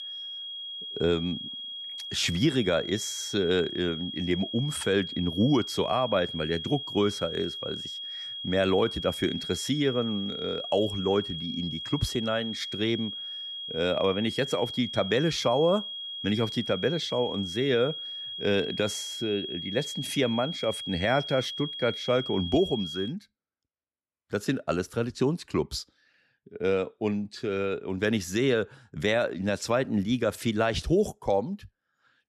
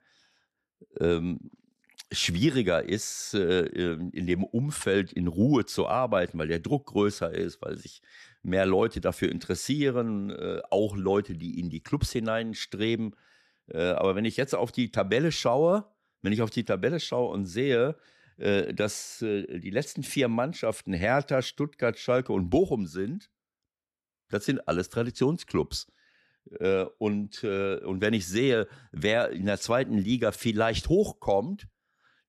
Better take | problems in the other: second | high-pitched whine; loud; until 23 s; 3.5 kHz, 6 dB below the speech

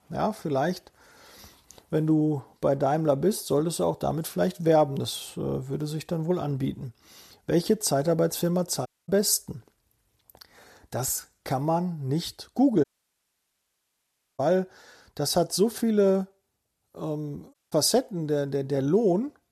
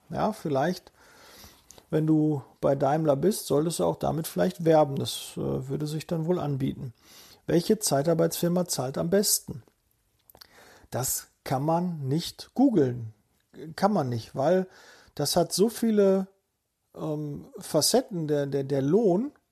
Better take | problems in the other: second | audio cutting out; at 9 s, at 13 s for 1.5 s and at 18 s

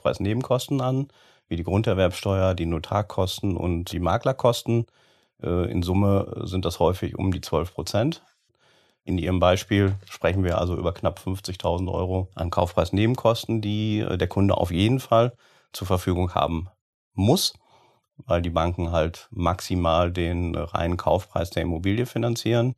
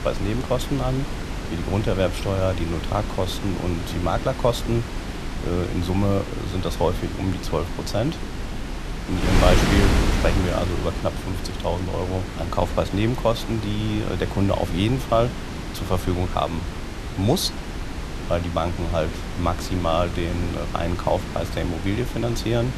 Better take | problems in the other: first | wind noise on the microphone; heavy; 6 dB below the speech

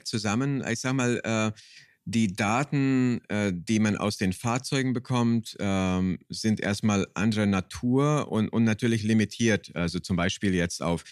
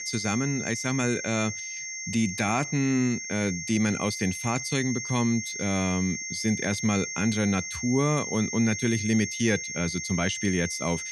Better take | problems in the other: first | high-pitched whine; loud; throughout; 2 kHz, 5 dB below the speech

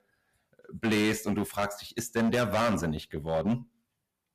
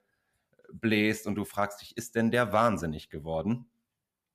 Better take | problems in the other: second | distortion; heavy; 10% of the sound clipped

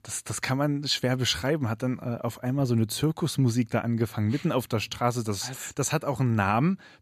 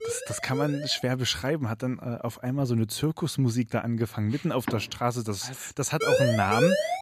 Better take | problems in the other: first | siren; noticeable; until 1 s; peak 7 dB below the speech // door banging; noticeable; at 4.5 s; peak 8 dB below the speech // siren; loud; from 6 s on; peak 4 dB above the speech

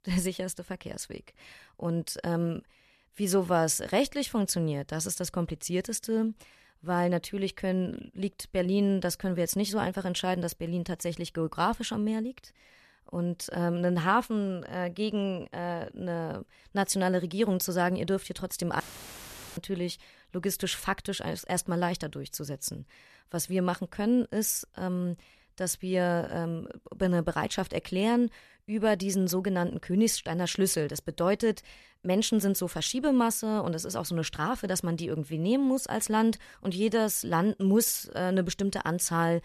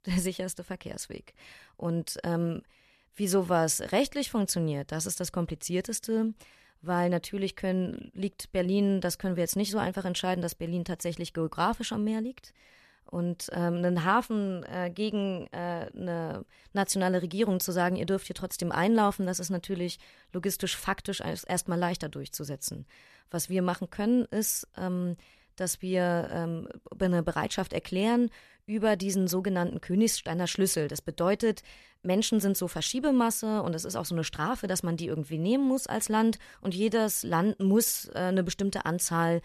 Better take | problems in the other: second | audio cutting out; filled with static; at 19 s for 1 s

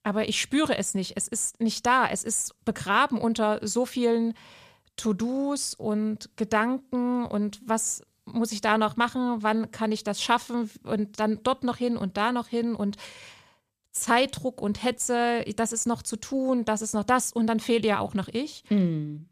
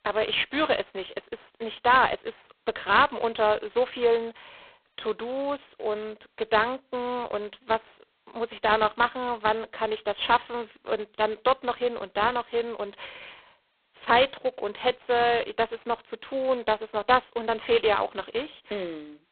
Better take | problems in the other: first | phone-call audio; poor line; nothing above 4 kHz

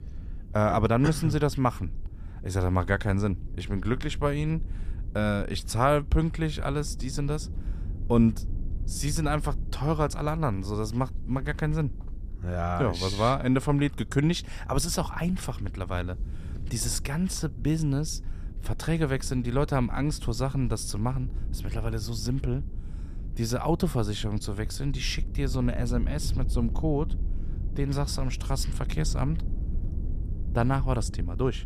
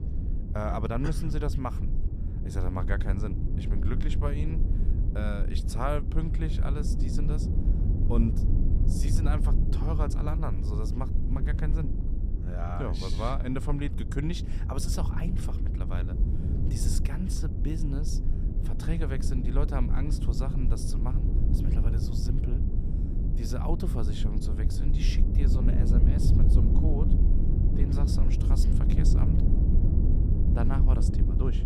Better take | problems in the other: first | low rumble; loud; throughout; 3 dB below the speech; faint in the first

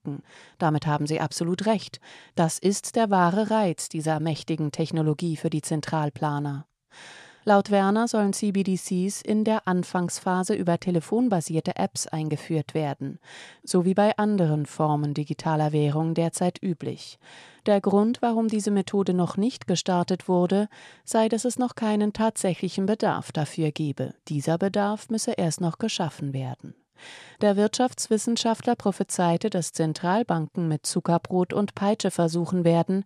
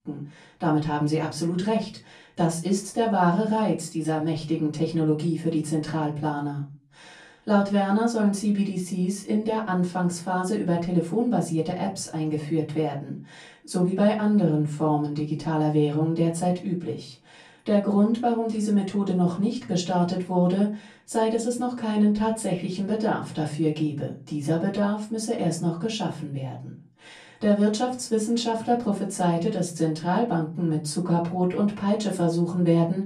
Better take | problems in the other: first | off-mic speech; far // room echo; very slight; dies away in 0.3 s

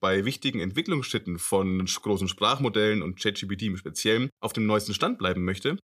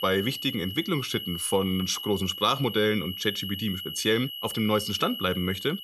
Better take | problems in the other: first | high-pitched whine; loud; throughout; 3 kHz, 7 dB below the speech

